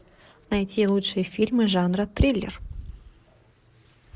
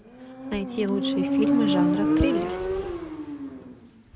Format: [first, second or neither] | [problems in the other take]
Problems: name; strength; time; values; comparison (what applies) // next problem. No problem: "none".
first | background sound (Motorcycle); 4 dB above the speech